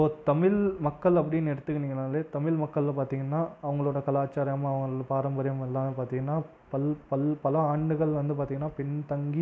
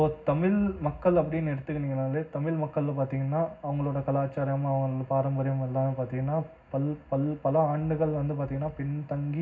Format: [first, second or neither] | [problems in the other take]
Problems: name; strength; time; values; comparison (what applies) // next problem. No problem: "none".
first | room echo; dies away in 0.4 s